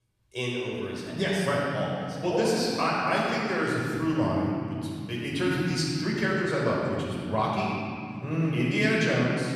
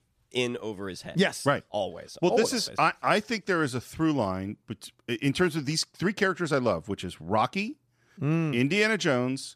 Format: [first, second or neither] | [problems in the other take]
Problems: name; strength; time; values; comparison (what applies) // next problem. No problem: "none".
second | room echo; strong; dies away in 2.6 s // off-mic speech; far